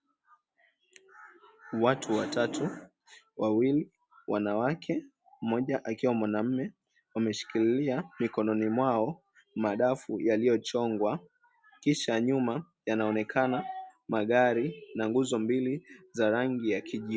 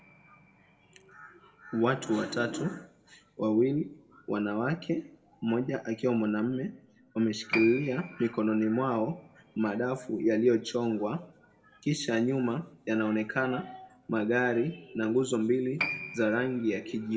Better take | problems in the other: first | background sound (Piano); 16 dB below the speech // room echo; dies away in 0.5 s

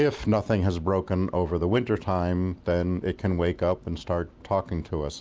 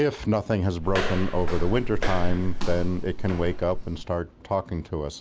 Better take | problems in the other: first | background sound (Walk, footsteps); 2 dB above the speech

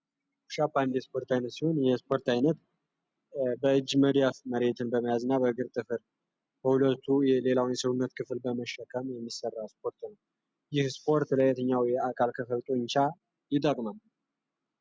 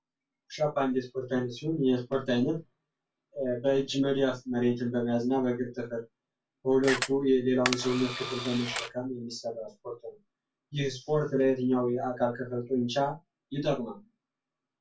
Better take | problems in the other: first | background sound (Camera); 5 dB below the speech // room echo; dies away in 0.2 s

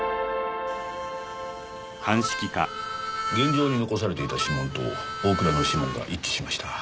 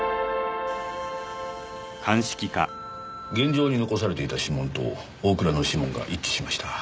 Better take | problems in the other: second | background sound (Harmonica); 4 dB below the speech

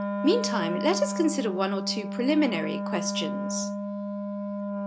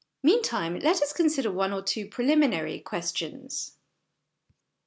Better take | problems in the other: second | background sound (Wind instrument, woodwind instrument); 2 dB below the speech

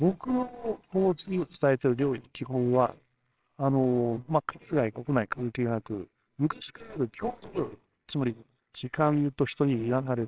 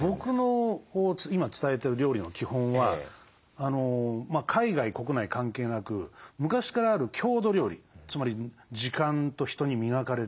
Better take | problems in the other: second | noise reduction (neural separator model SepFormer WHAMR!)

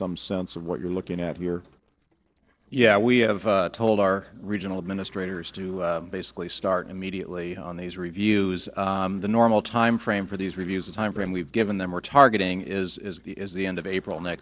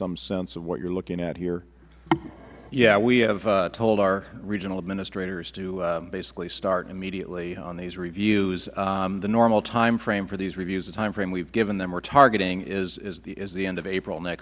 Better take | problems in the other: second | noise reduction (neural separator model SepFormer DNS4)

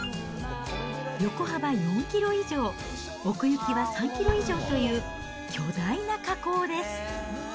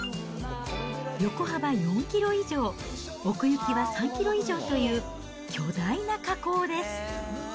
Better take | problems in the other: second | background sound (Trumpet + Explosion); 11 dB below the speech

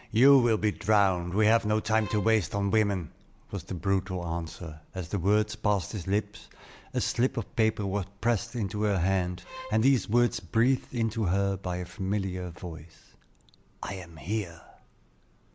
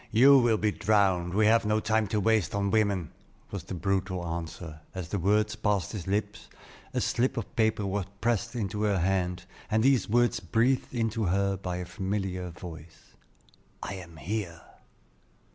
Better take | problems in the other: second | background sound (Bowed string instrument); 18 dB below the speech

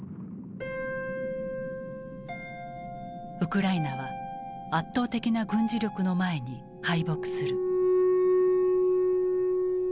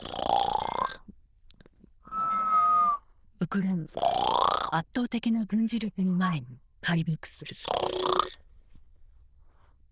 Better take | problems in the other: first | noise reduction (neural diffusion model UNIVERSE++)

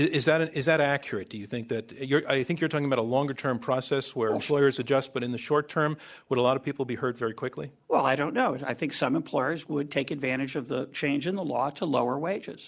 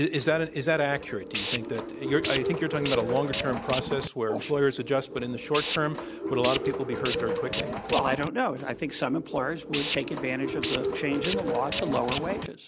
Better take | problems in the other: first | background sound (Tools); 4 dB below the speech

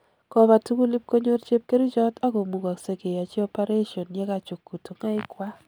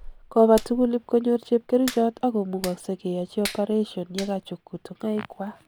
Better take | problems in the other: first | background sound (Hands); 17 dB below the speech

